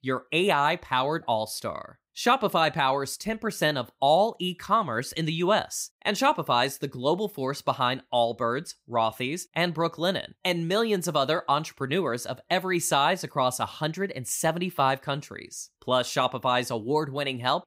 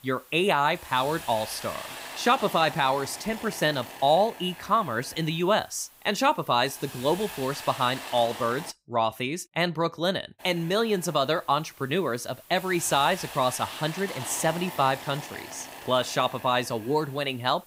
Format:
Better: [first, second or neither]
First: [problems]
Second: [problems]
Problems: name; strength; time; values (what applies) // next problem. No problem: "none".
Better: first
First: none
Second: hiss; noticeable; until 8.5 s and from 10 s on; 15 dB below the speech